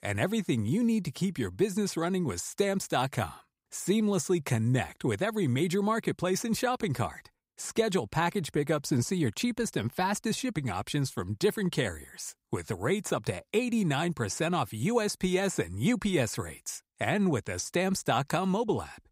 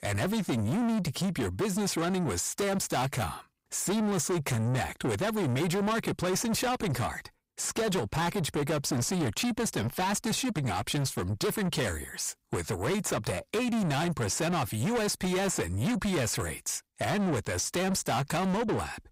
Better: first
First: none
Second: distortion; heavy; 6 dB below the speech

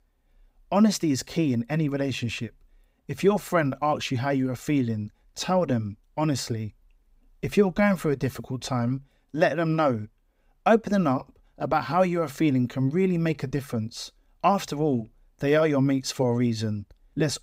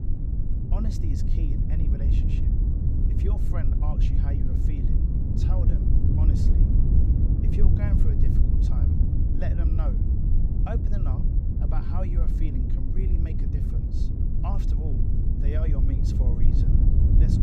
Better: first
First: none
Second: wind noise on the microphone; heavy; 3 dB above the speech

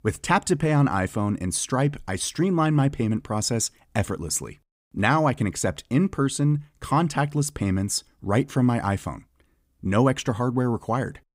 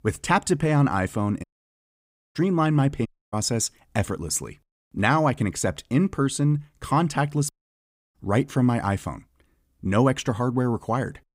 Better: first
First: none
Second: audio cutting out; at 1.5 s for 1 s, at 3 s and at 7.5 s for 0.5 s

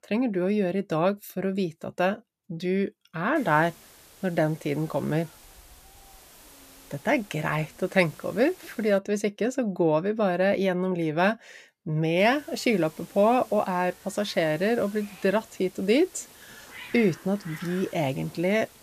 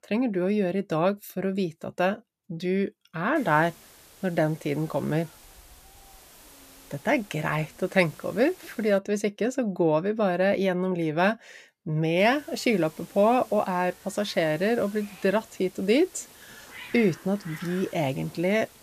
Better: neither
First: hiss; faint; from 3.5 to 9 s and from 12 s on; 20 dB below the speech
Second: hiss; faint; from 3.5 to 9 s and from 12 s on; 20 dB below the speech

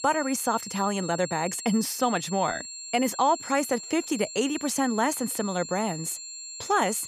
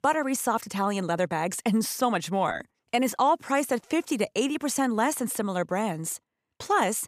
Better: second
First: high-pitched whine; loud; throughout; 7.5 kHz, 10 dB below the speech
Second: none

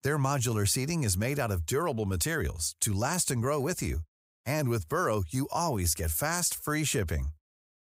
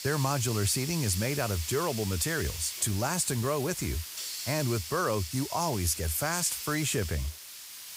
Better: first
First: none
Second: hiss; loud; throughout; 7 dB below the speech

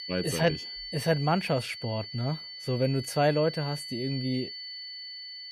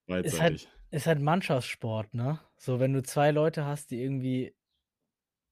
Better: second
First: high-pitched whine; loud; throughout; 4.5 kHz, 9 dB below the speech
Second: none

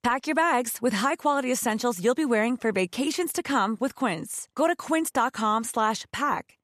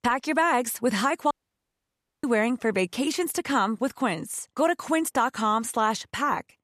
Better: first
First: none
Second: audio cutting out; at 1.5 s for 1 s

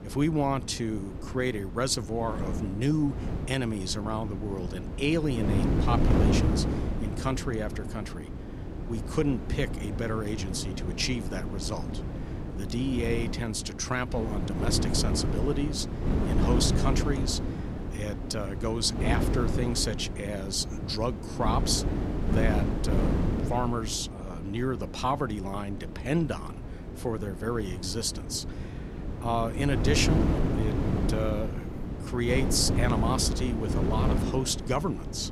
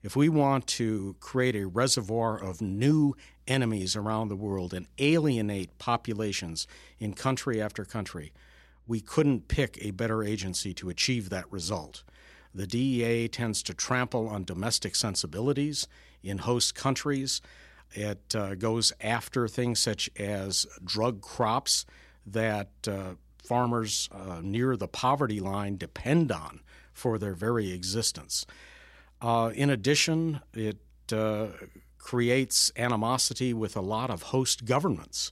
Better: second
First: wind noise on the microphone; heavy; 6 dB below the speech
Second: none

